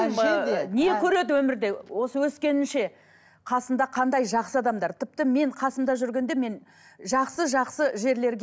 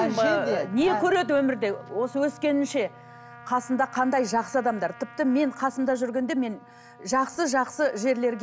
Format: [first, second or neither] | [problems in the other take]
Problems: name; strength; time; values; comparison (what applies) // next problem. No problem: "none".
first | background sound (Trumpet + Guitar); 20 dB below the speech